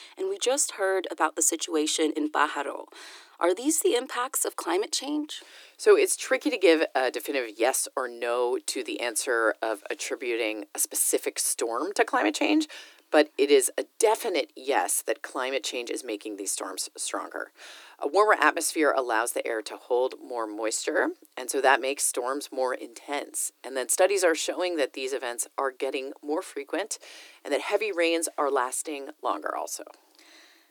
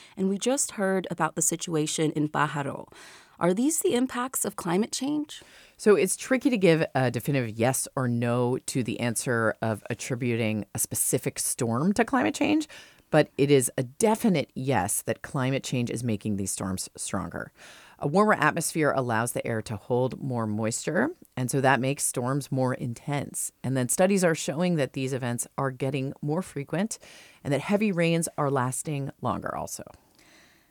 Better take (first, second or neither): second